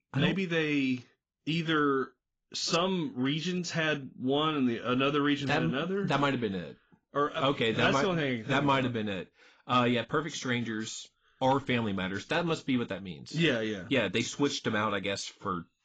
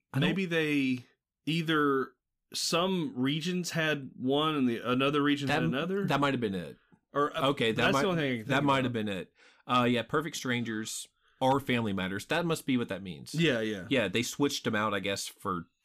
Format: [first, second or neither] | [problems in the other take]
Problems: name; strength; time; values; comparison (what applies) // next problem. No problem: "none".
second | garbled, watery; badly; nothing above 7.5 kHz